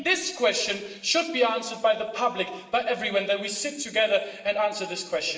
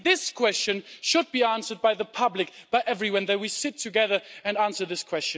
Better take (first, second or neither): second